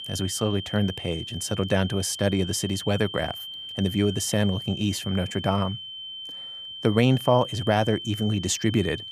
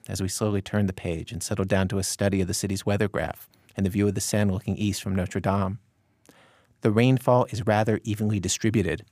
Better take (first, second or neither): second